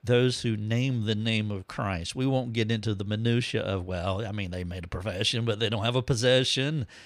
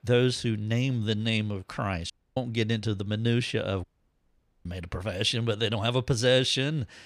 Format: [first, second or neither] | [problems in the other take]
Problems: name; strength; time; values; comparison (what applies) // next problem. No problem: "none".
first | audio cutting out; at 2 s and at 4 s for 1 s